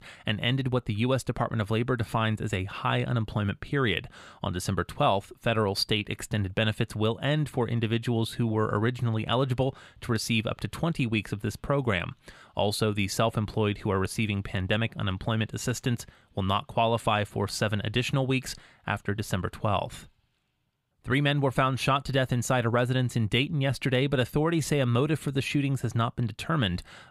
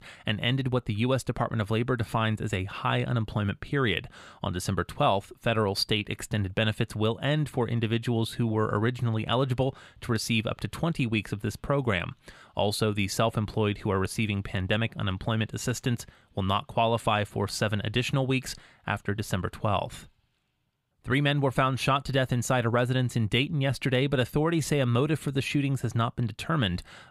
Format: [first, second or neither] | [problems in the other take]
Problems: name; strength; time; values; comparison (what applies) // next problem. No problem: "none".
neither | none